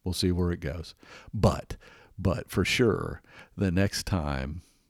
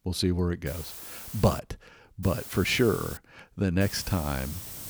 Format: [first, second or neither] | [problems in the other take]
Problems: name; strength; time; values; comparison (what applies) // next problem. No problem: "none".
first | hiss; noticeable; at 0.5 s, at 2 s and from 4 s on; 10 dB below the speech